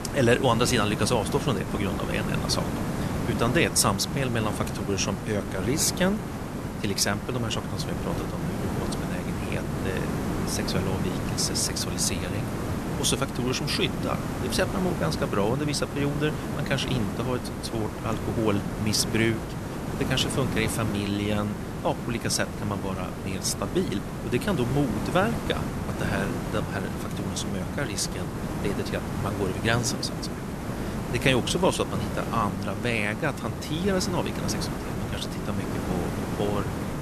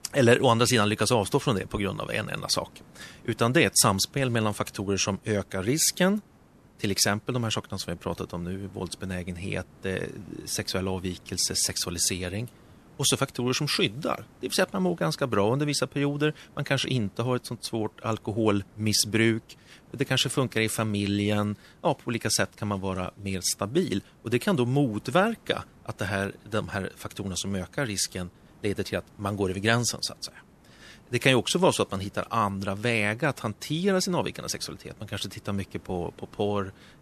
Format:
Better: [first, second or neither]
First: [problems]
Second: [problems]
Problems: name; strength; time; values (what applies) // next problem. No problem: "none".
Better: second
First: hiss; loud; throughout; 3 dB below the speech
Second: hiss; faint; throughout; 30 dB below the speech